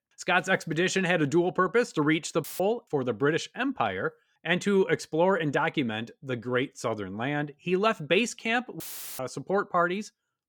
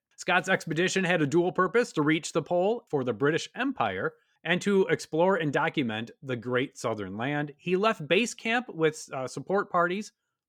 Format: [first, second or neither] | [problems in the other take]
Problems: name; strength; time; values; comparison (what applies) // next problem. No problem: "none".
second | audio cutting out; filled with static; at 2.5 s and at 9 s